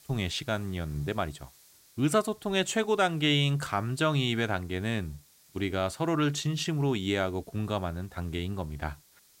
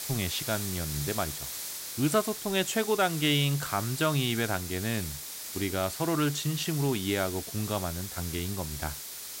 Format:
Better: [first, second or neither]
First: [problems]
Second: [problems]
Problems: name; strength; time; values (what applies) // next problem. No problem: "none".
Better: first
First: hiss; faint; throughout; 25 dB below the speech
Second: hiss; loud; throughout; 6 dB below the speech